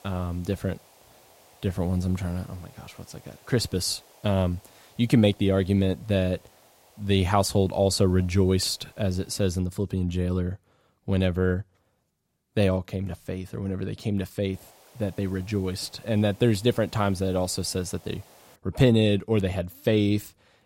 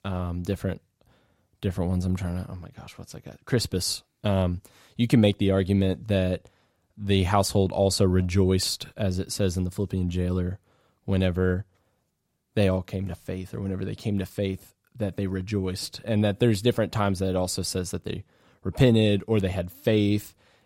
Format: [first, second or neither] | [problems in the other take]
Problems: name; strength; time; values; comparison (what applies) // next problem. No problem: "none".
second | hiss; faint; until 9.5 s and from 15 to 19 s; 30 dB below the speech